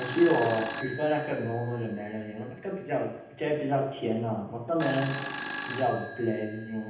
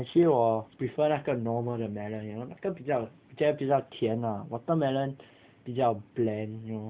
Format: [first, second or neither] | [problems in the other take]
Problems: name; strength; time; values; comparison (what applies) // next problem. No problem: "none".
second | background sound (Telephone); 11 dB below the speech // room echo; dies away in 0.9 s